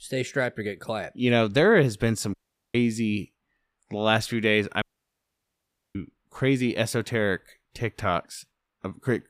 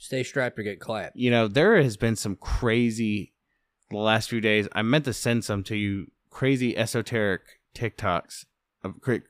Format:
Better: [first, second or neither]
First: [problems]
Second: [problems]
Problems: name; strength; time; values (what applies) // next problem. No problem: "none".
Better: second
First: audio cutting out; at 2.5 s and at 5 s for 1 s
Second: none